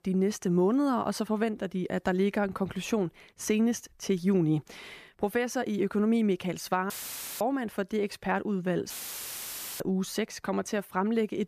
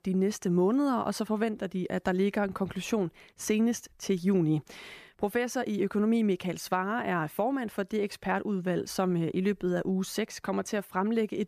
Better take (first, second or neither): second